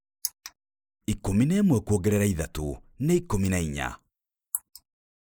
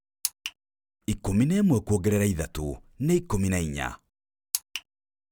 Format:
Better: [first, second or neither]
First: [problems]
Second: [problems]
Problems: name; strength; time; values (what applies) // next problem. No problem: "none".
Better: second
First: noise reduction (neural mask model Resemble Enhance denoiser)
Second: none